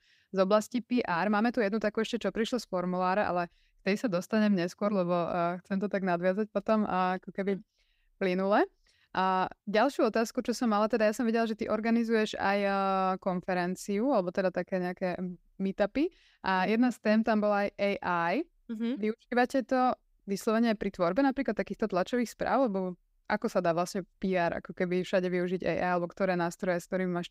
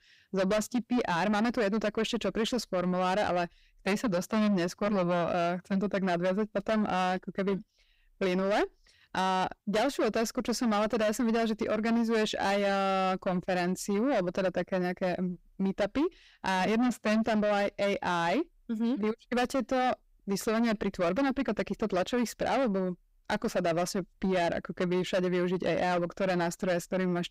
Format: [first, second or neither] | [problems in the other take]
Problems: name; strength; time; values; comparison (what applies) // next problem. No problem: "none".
first | distortion; heavy; 8 dB below the speech